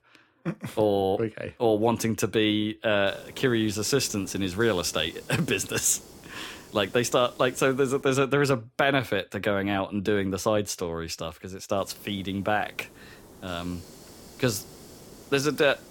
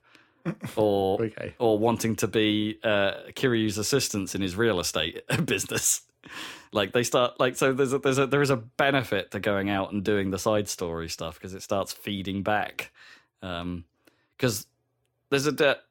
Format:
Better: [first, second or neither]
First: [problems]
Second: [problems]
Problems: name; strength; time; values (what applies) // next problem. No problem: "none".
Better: second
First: hiss; faint; from 3 to 8 s and from 12 s on; 20 dB below the speech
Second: none